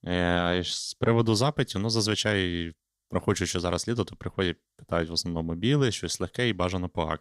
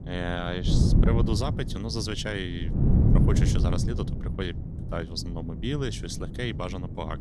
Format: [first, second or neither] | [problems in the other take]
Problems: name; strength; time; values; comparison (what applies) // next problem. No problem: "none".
first | wind noise on the microphone; heavy; 4 dB below the speech